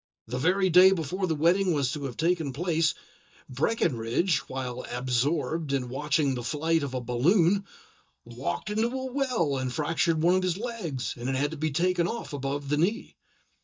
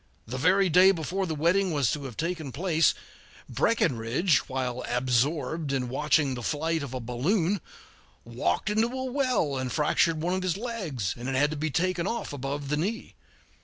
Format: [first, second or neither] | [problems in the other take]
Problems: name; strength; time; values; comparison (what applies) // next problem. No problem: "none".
second | noise reduction (neural mask model DeepFilterNet 3)